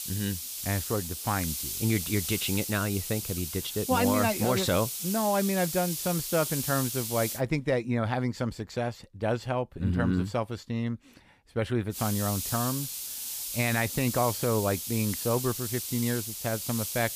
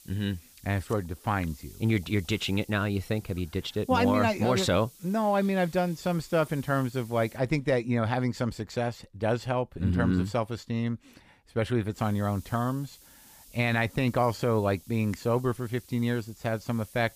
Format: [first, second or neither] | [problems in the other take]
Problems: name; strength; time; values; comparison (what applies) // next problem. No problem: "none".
second | hiss; loud; until 7.5 s and from 12 s on; 3 dB below the speech; faint in the second